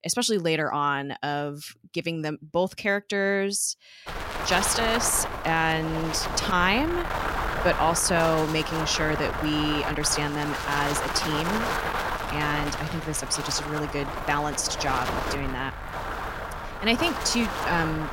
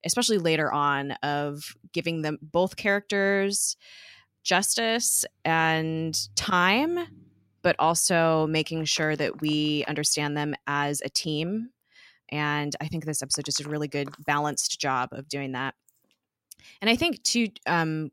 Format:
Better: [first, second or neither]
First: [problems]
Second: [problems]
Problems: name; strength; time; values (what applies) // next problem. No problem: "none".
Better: second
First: wind noise on the microphone; heavy; from 4 s on; 3 dB below the speech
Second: none